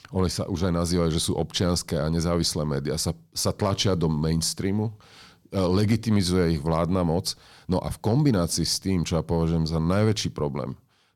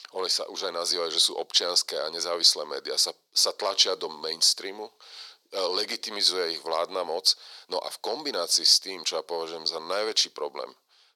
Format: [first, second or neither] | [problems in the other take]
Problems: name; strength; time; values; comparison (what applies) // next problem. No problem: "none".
first | thin; very; fading below 450 Hz